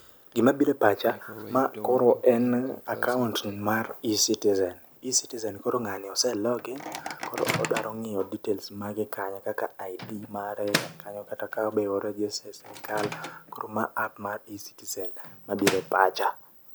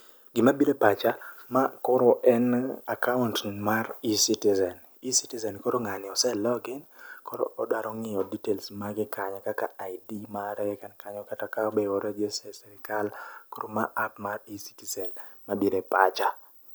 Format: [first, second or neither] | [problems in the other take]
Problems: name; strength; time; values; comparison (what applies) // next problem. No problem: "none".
second | background sound (Microwave oven); 12 dB below the speech